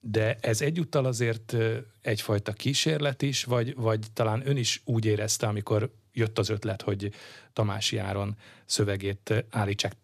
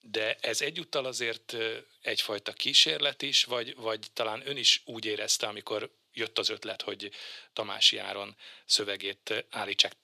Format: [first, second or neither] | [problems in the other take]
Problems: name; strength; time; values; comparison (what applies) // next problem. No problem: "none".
first | thin; very; fading below 400 Hz